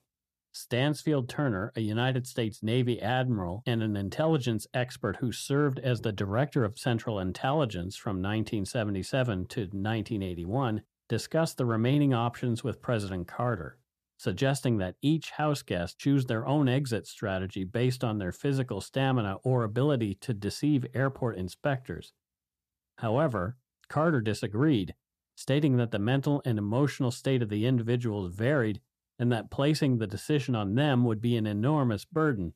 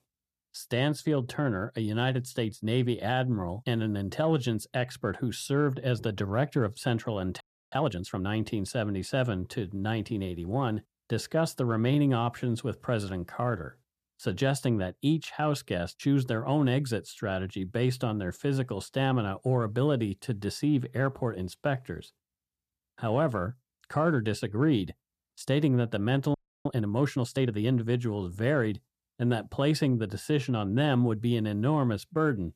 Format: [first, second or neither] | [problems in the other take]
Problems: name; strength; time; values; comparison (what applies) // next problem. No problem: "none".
first | audio freezing; at 7.5 s and at 26 s